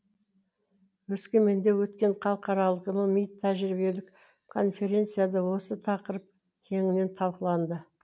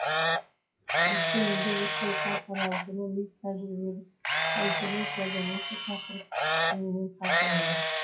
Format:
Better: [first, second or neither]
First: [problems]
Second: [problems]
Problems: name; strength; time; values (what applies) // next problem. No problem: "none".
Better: first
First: none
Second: noise reduction (classical method WPE with log-MMSE)